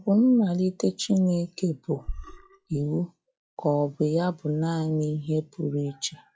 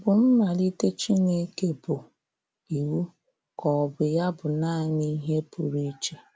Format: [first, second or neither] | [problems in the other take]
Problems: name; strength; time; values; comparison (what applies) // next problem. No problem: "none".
second | noise reduction (classical method log-MMSE)